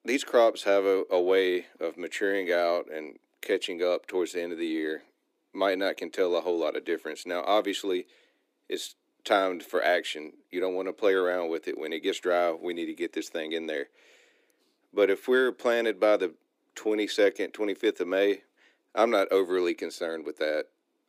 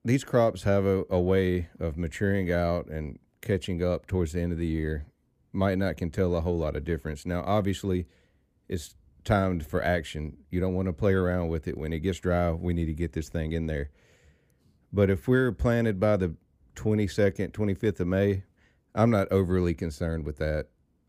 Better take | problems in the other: second | thin; somewhat; fading below 300 Hz

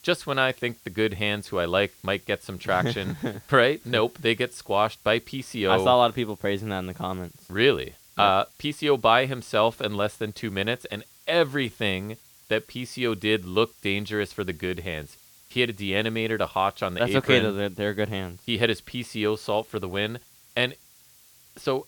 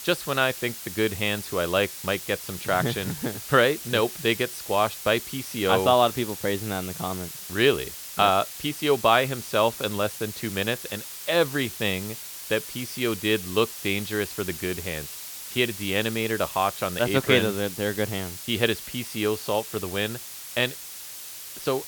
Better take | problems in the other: first | hiss; loud; throughout; 10 dB below the speech; faint in the first

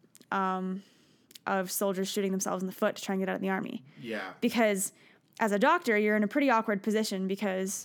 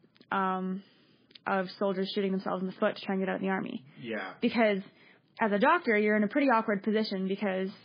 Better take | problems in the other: first | garbled, watery; badly

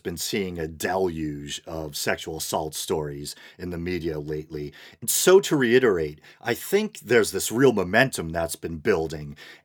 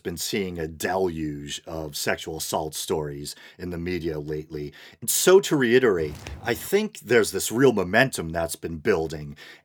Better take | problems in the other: first | footsteps; faint; at 6 s; peak 15 dB below the speech

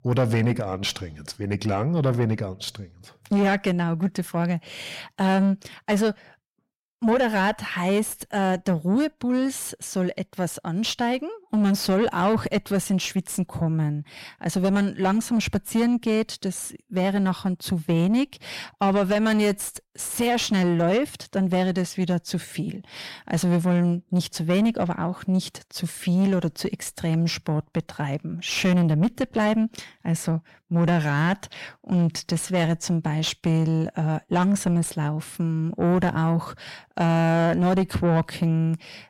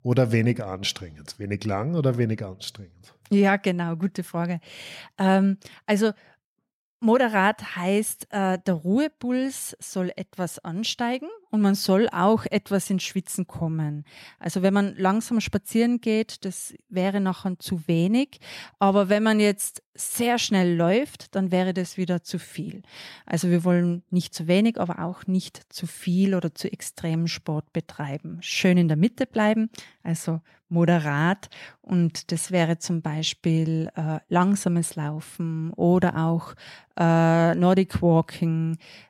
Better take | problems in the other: second | distortion; slight; 10 dB below the speech

